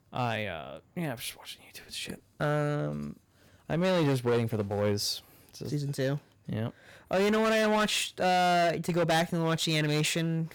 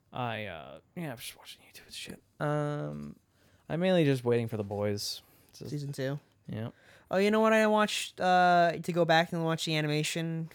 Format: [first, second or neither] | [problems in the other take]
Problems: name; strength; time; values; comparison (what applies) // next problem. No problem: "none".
second | distortion; heavy; 11% of the sound clipped